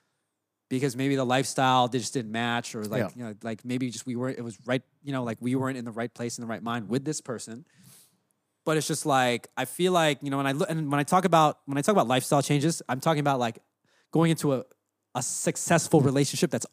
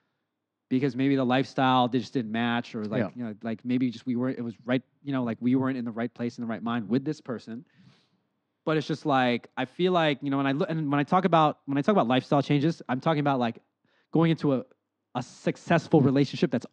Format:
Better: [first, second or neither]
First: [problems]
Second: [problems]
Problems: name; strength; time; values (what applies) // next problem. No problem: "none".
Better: first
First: none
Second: muffled; slightly; fading above 4 kHz